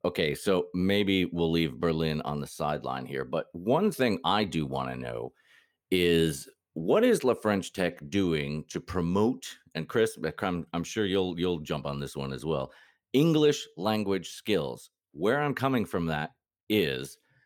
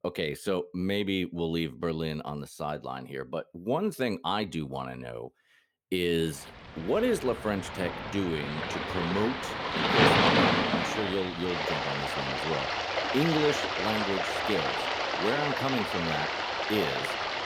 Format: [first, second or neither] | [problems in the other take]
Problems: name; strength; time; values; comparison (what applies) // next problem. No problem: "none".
first | rain or running water; very loud; from 6.5 s on; 3 dB above the speech